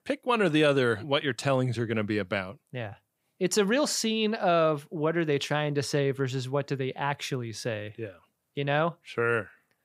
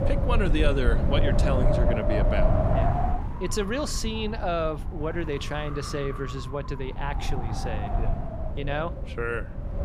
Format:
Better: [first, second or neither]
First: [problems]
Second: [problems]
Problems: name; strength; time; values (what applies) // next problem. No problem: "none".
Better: first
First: none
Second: wind noise on the microphone; heavy; 1 dB below the speech